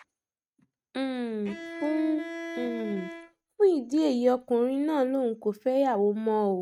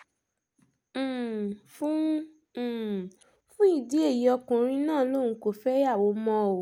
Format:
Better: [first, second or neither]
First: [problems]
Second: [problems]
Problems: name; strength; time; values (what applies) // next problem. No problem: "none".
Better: second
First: noise reduction (neural mask model RNNoise)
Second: none